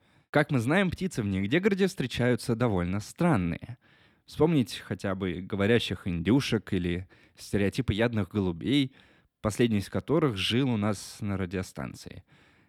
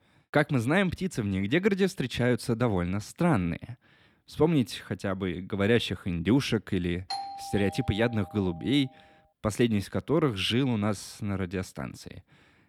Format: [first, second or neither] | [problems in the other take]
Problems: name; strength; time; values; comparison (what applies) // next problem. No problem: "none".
first | doorbell; noticeable; from 7 to 8.5 s; peak 8 dB below the speech